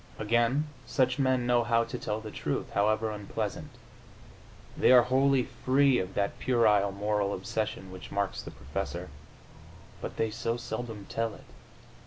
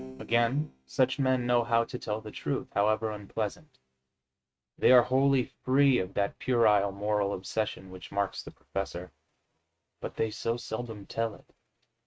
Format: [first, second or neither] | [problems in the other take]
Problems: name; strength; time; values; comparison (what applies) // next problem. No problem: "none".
first | noise reduction (neural mask model RNNoise)